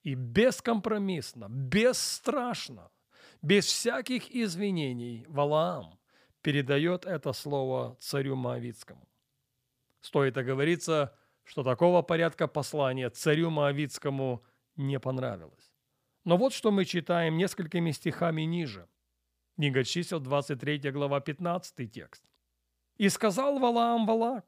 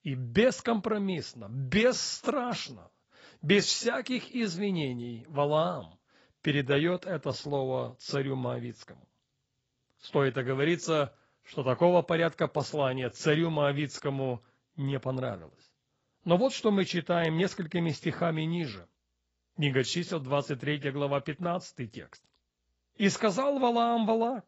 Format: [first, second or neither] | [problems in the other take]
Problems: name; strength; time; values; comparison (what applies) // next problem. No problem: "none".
first | garbled, watery; badly; nothing above 7.5 kHz